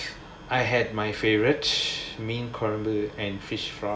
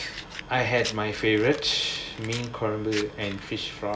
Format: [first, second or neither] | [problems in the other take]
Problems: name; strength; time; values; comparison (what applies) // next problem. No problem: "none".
first | background sound (Fire); 14 dB below the speech